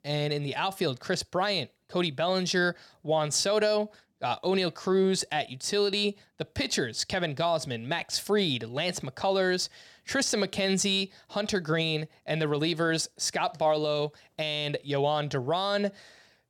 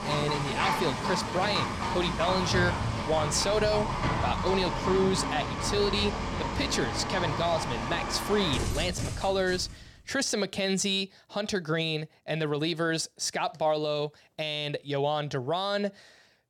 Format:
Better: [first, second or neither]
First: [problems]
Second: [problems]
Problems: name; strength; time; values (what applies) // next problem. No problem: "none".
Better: first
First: none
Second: animal sounds; loud; until 9 s; 2 dB below the speech